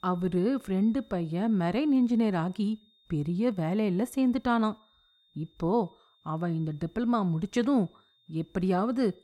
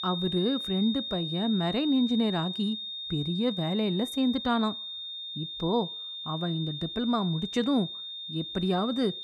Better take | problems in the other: first | high-pitched whine; loud; throughout; 3.5 kHz, 6 dB below the speech; faint in the first

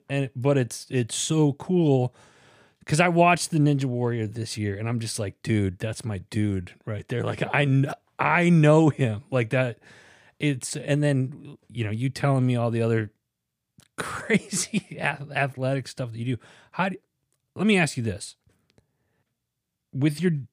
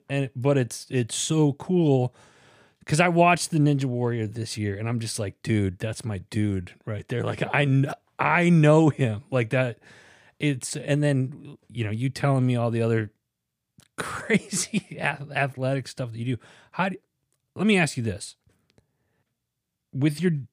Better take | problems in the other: neither | none

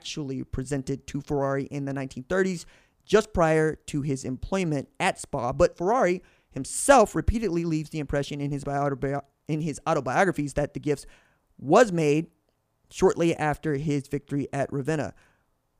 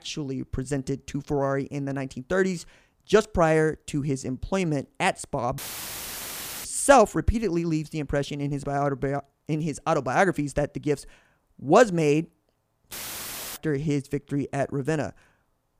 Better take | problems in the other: first | audio cutting out; filled with static; at 5.5 s for 1 s and at 13 s for 0.5 s

